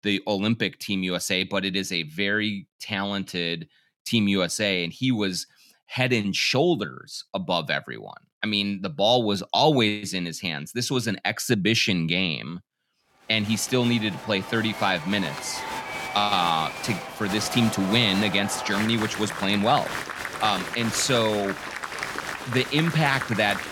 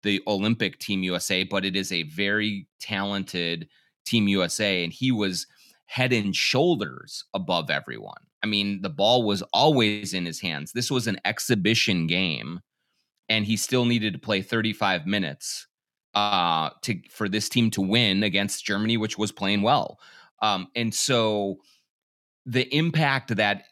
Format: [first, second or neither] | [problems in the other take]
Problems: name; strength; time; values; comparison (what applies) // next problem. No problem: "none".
second | crowd noise; loud; from 14 s on; 8 dB below the speech